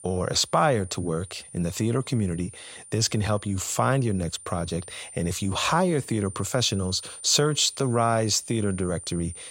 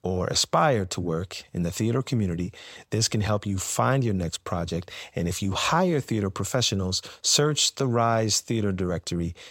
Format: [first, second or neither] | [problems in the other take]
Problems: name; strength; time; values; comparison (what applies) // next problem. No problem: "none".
second | high-pitched whine; noticeable; throughout; 9 kHz, 15 dB below the speech